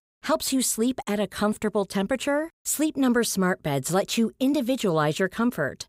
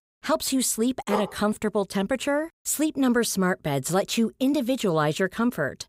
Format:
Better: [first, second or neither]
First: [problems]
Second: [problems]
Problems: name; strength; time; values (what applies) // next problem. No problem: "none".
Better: first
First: none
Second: dog barking; noticeable; at 1 s; peak 6 dB below the speech